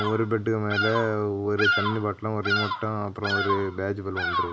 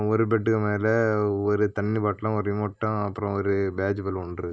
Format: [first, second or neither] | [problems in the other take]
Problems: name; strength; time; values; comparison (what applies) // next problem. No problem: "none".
second | background sound (Bird vocalization, bird call, bird song); 3 dB below the speech